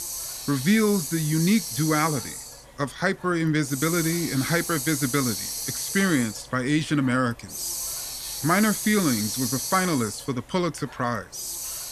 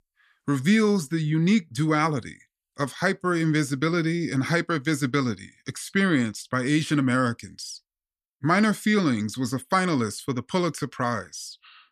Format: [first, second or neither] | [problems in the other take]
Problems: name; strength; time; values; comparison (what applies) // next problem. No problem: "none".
second | hiss; loud; throughout; 5 dB below the speech